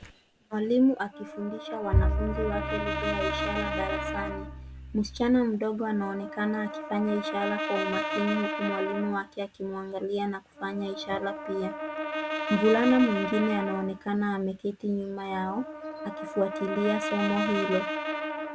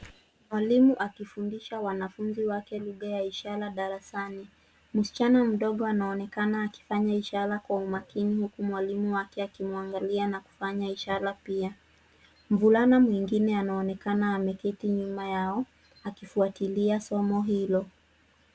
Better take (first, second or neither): second